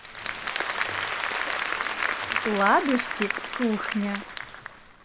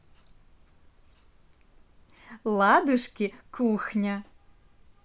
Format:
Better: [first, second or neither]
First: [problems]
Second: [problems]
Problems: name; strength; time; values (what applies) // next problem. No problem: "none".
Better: second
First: background sound (Applause); 1 dB below the speech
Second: none